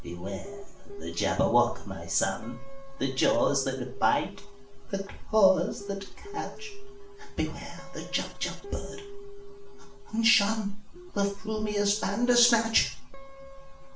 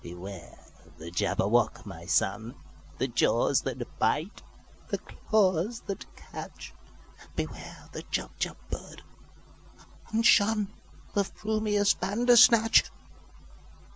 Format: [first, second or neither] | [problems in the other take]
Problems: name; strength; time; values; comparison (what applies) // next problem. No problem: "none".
second | background sound (Guitar); 17 dB below the speech // room echo; dies away in 0.4 s